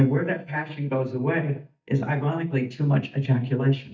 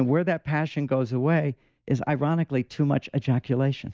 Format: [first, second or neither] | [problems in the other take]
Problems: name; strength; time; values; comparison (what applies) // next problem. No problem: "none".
second | noise reduction (neural mask model DeepFilterNet 3)